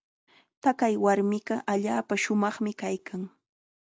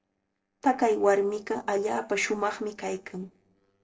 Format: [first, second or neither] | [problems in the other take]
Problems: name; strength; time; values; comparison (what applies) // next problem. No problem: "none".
first | noise reduction (neural separator model SepFormer DNS4)